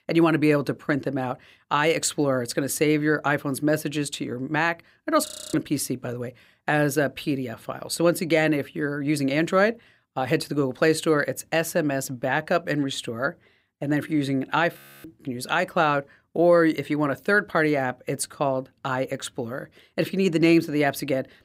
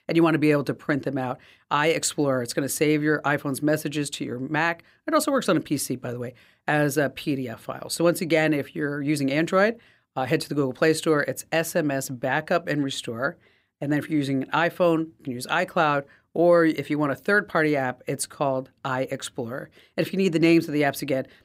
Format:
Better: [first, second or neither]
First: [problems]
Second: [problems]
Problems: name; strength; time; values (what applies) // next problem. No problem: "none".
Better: second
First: audio freezing; at 5.5 s and at 15 s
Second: none